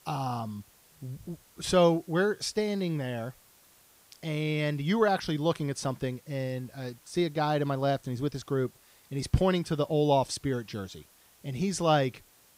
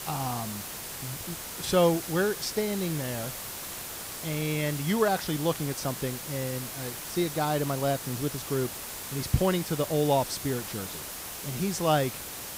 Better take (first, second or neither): first